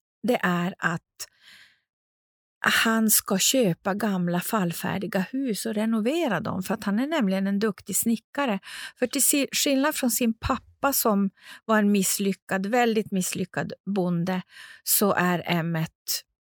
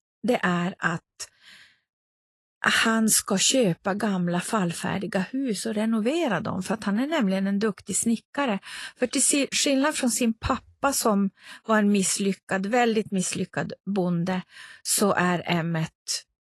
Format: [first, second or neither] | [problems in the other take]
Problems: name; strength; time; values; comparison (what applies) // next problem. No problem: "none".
first | garbled, watery; slightly; nothing above 11.5 kHz